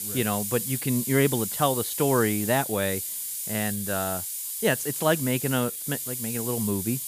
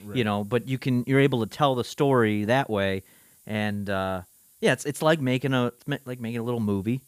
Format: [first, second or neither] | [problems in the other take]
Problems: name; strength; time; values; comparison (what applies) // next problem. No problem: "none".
second | hiss; loud; throughout; 3 dB below the speech; faint in the second